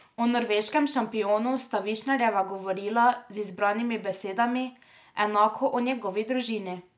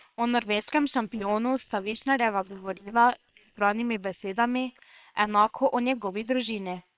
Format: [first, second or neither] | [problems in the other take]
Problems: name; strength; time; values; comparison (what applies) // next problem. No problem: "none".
first | noise reduction (neural separator model SepFormer WHAM!)